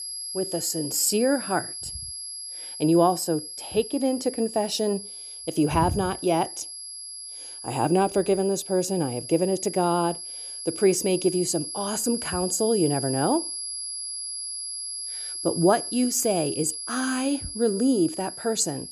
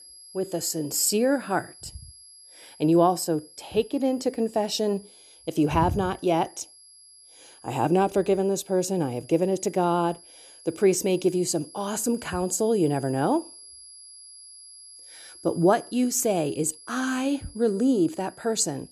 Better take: second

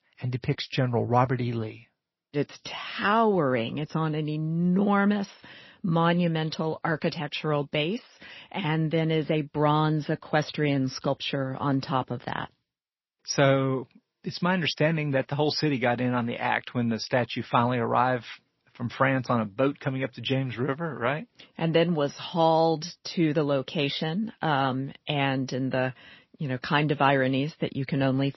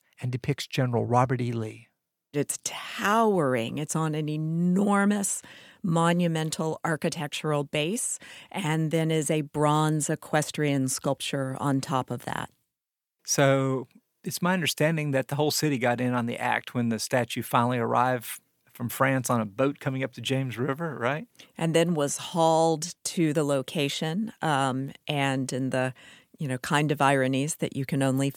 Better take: second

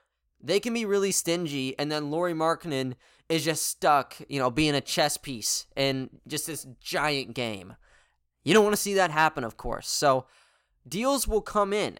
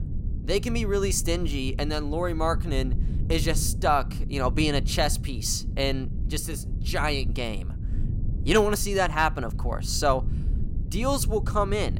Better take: first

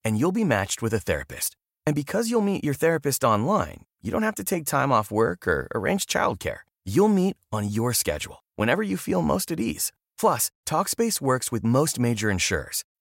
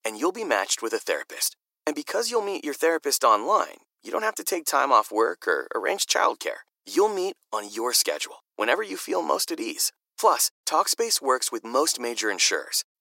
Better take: first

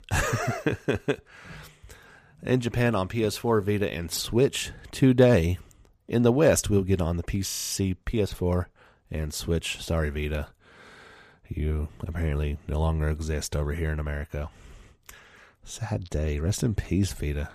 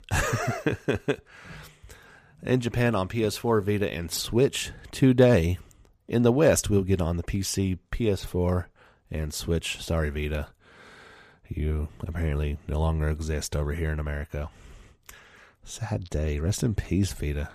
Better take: second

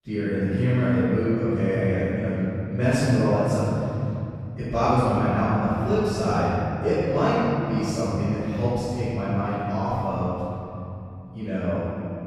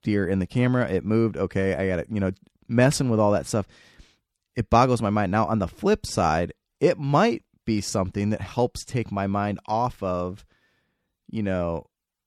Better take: second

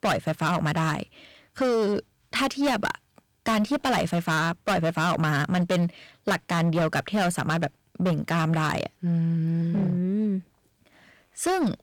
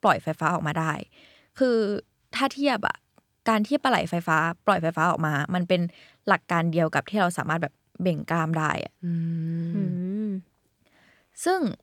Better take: second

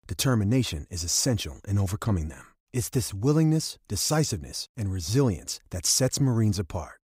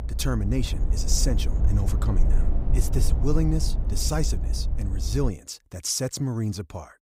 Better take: first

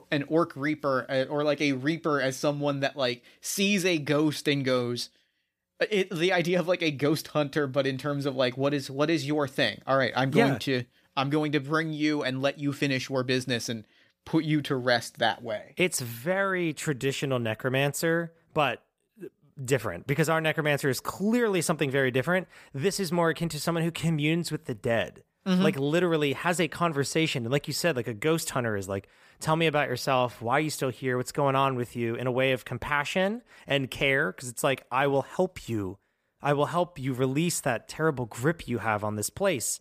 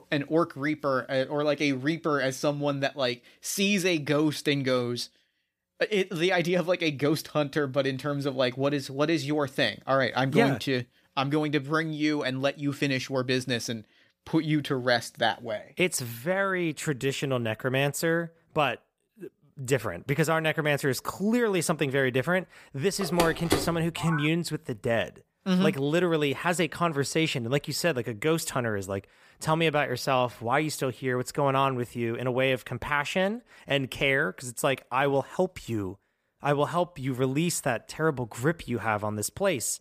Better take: first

